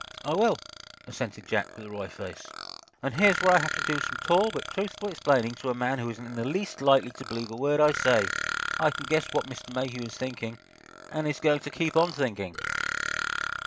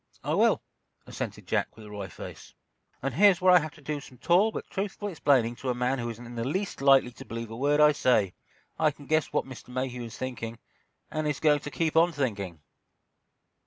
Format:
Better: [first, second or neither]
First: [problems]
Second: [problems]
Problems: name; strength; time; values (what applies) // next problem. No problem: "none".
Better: second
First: background sound (Burping, eructation); 8 dB below the speech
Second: none